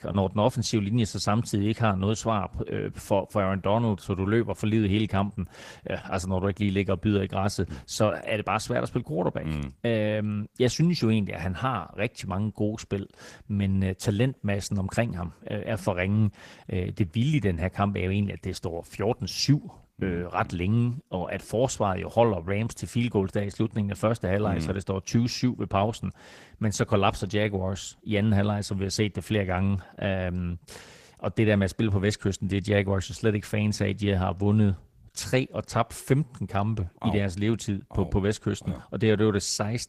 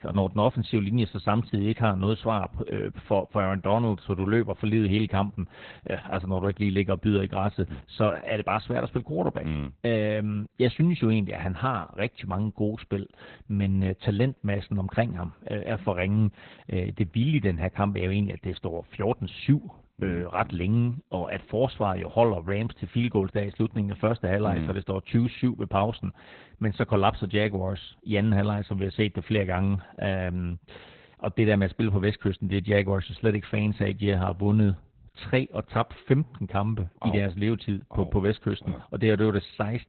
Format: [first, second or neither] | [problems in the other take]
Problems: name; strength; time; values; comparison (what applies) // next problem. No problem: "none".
first | garbled, watery; badly; nothing above 4 kHz; slightly in the first